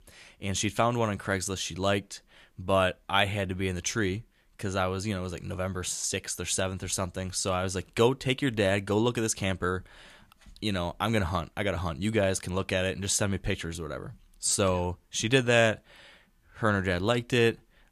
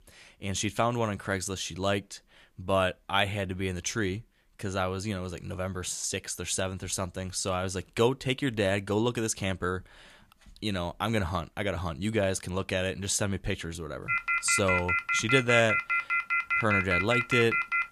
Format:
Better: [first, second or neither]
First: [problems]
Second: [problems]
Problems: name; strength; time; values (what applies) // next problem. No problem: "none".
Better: first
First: none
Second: phone ringing; loud; from 14 s on; peak 3 dB above the speech